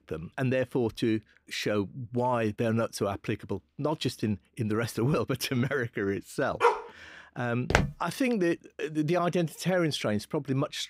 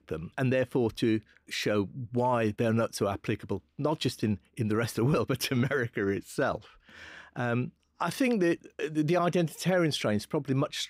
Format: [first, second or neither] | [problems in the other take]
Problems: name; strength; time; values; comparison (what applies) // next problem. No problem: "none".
second | dog barking; loud; at 6.5 s; peak 4 dB above the speech // footsteps; loud; at 7.5 s; peak 3 dB above the speech